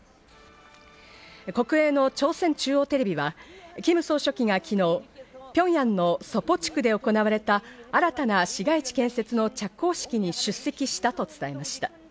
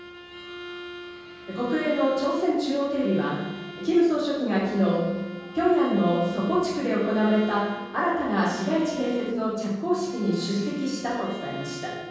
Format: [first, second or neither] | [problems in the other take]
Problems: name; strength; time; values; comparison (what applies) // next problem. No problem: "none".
first | background sound (Bowed string instrument); 15 dB below the speech // room echo; dies away in 1.3 s